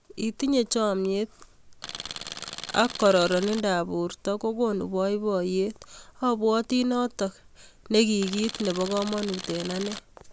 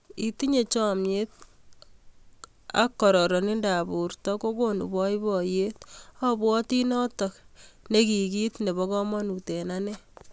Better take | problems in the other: second | background sound (Tools); 11 dB below the speech

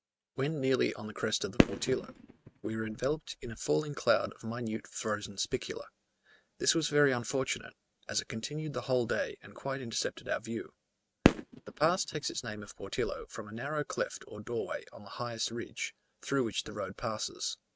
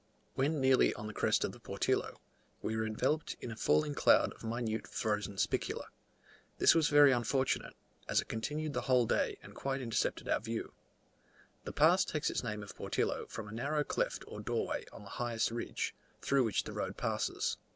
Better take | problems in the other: second | noise reduction (neural mask model RNNoise)

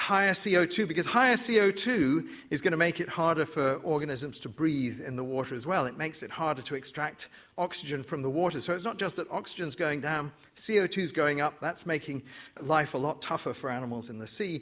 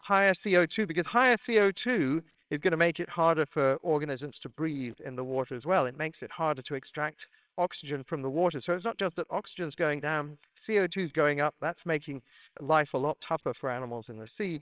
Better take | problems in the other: first | noise reduction (neural separator model SepFormer WHAMR!)

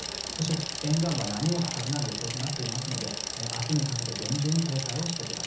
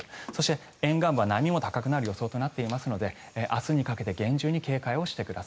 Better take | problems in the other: second | background sound (Bicycle); 4 dB below the speech // room echo; dies away in 0.7 s

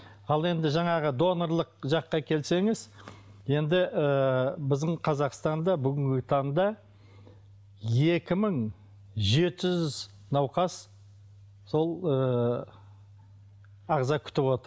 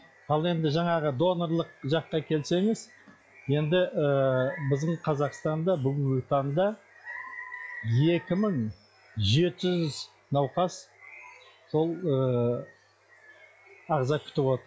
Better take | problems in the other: first | noise reduction (classical method log-MMSE)

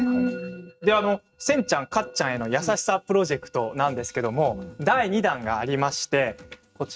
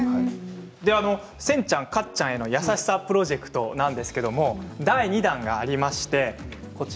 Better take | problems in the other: second | noise reduction (neural mask model RNNoise)

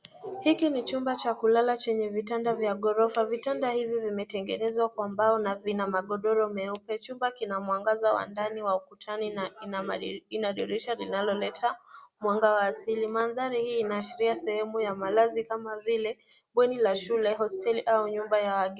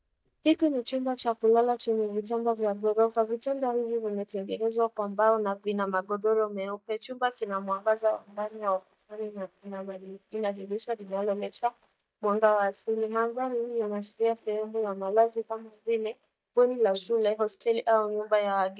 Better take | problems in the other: first | noise reduction (neural mask model DeepFilterNet 3)

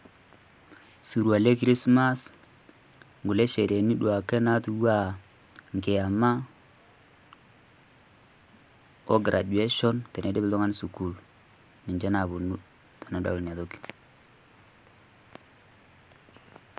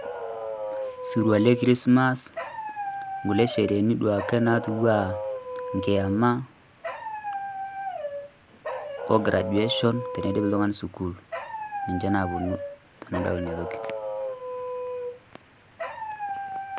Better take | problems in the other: first | background sound (Dog); 7 dB below the speech

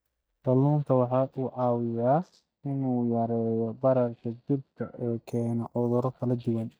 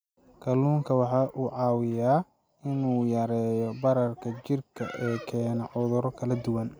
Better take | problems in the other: second | noise reduction (neural mask model DeepFilterNet 3)

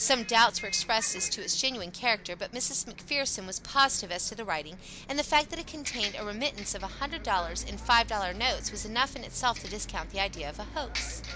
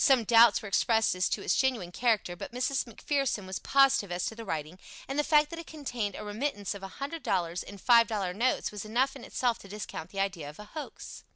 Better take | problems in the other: second | background sound (Bus); 12 dB below the speech

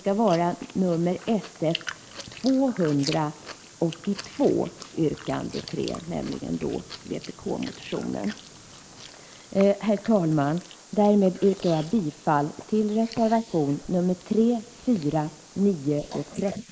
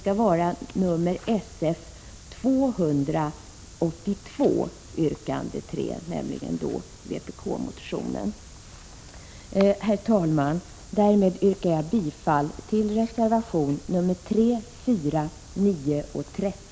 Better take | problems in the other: second | noise reduction (neural mask model Resemble Enhance denoiser)

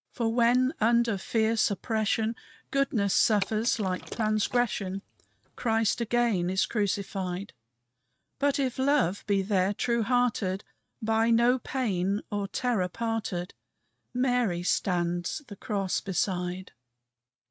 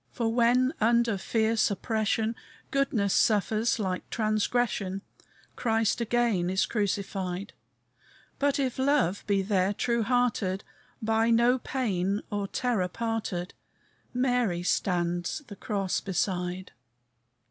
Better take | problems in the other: second | noise reduction (neural mask model RNNoise)

